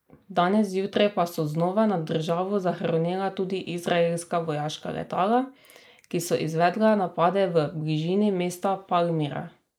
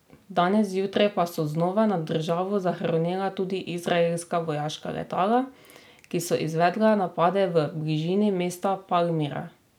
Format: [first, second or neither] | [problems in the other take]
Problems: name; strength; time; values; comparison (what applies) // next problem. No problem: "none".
second | noise reduction (neural mask model Resemble Enhance denoiser)